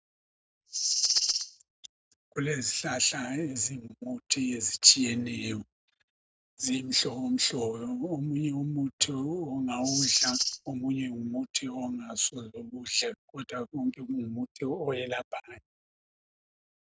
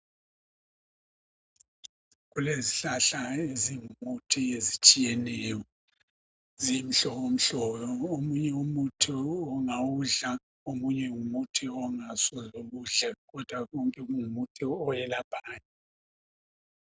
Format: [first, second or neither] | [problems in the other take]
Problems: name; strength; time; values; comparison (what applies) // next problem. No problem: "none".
second | noise reduction (neural mask model RNNoise)